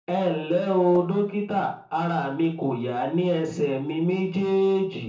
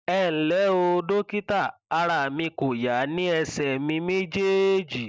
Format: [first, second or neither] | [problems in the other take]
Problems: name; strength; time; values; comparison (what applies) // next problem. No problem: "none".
second | noise reduction (neural separator model SepFormer DNS4)